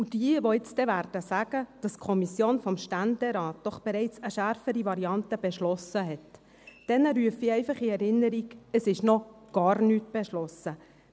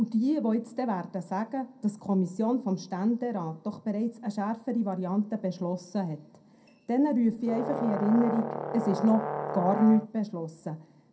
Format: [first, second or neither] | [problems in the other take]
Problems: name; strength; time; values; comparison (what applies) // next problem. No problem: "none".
first | background sound (Brass instrument); 6 dB below the speech // room echo; dies away in 0.2 s